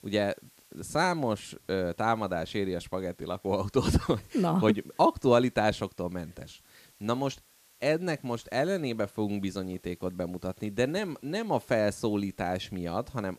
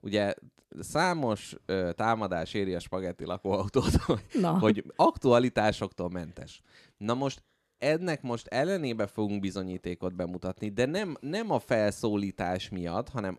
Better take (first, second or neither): second